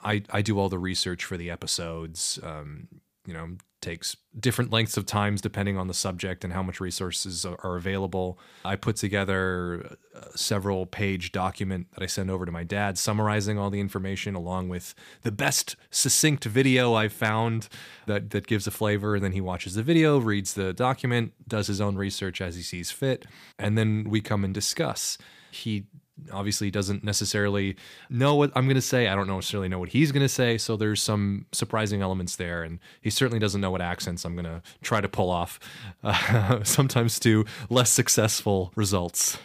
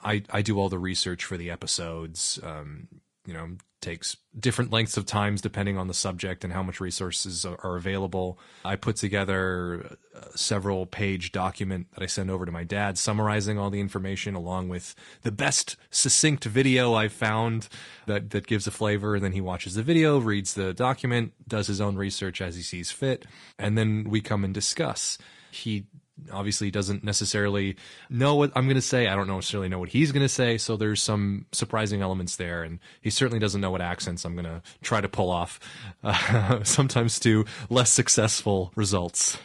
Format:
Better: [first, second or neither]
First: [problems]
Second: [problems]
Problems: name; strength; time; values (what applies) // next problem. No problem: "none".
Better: first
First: none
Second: garbled, watery; slightly